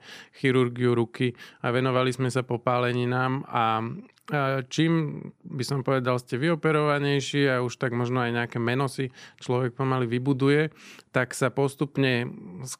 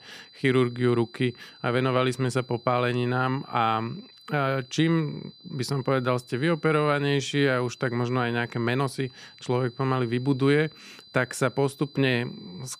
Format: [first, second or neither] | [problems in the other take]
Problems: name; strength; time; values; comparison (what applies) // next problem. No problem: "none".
first | high-pitched whine; faint; throughout; 4 kHz, 25 dB below the speech